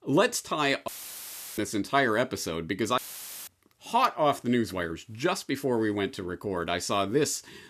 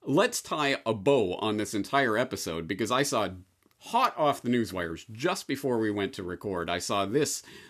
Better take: second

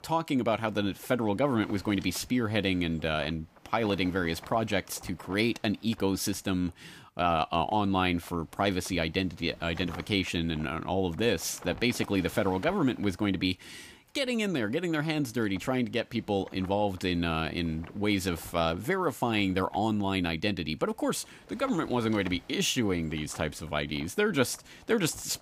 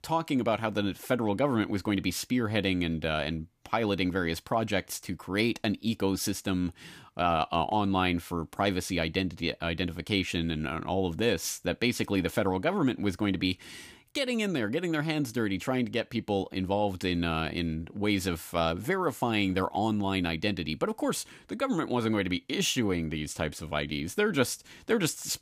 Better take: second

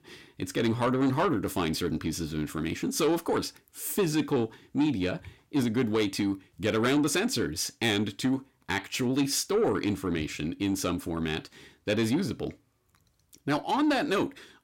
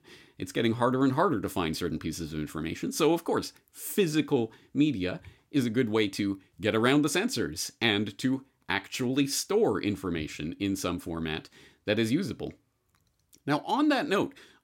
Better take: second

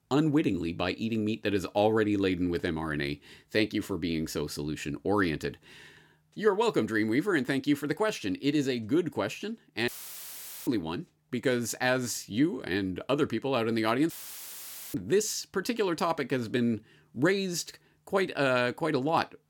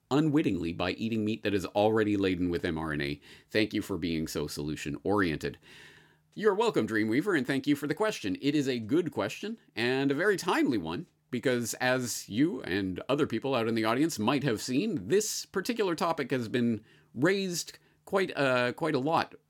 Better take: second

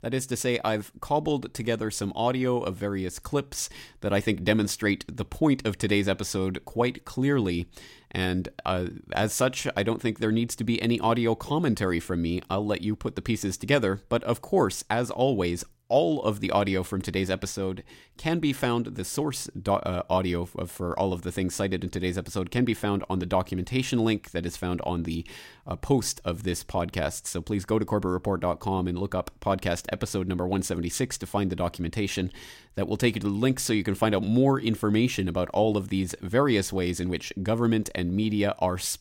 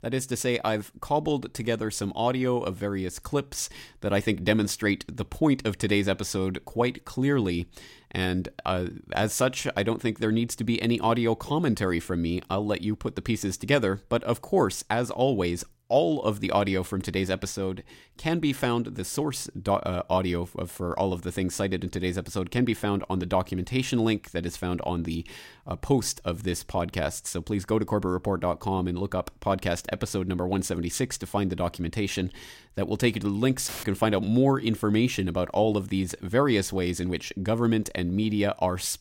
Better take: first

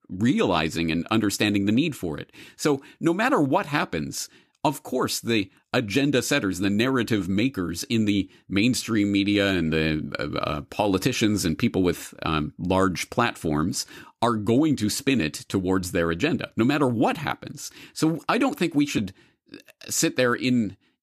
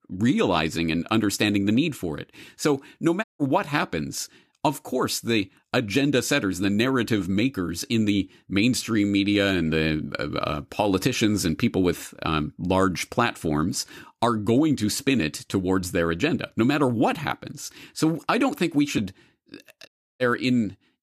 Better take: first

